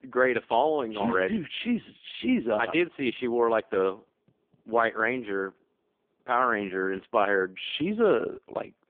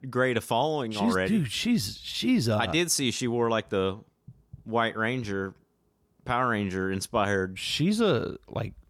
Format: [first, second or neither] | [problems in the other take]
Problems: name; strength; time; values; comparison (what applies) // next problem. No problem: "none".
second | phone-call audio; poor line